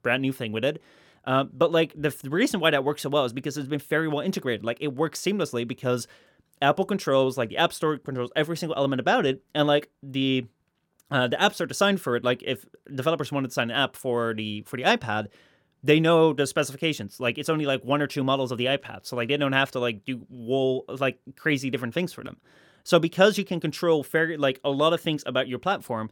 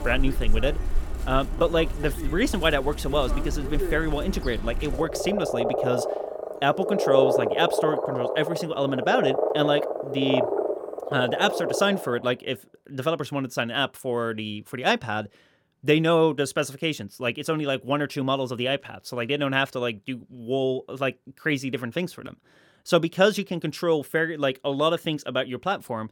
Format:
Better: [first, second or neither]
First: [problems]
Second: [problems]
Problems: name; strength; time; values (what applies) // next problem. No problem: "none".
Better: first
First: none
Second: animal sounds; loud; until 12 s; 3 dB below the speech